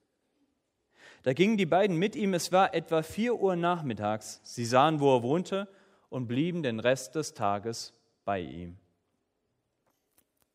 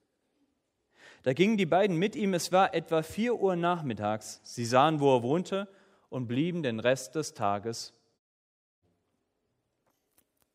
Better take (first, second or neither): first